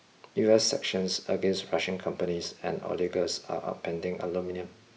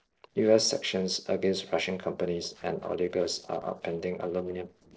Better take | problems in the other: first | noise reduction (neural separator model SepFormer DNS4)

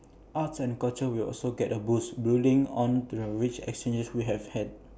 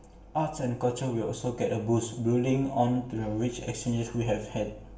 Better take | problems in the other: first | room echo; dies away in 0.6 s

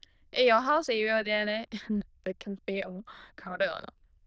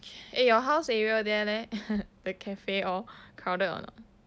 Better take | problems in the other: second | noise reduction (neural diffusion model UNIVERSE++)

